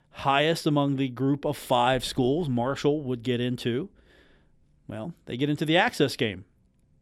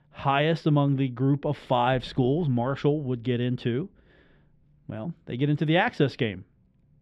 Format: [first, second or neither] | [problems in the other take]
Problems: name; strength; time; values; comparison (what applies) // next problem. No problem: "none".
first | muffled; slightly; fading above 3 kHz